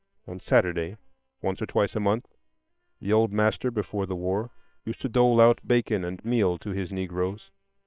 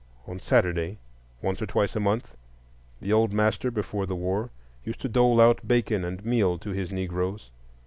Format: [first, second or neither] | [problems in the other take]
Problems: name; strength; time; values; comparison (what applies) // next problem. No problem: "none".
second | noise reduction (neural separator model SepFormer WHAM!)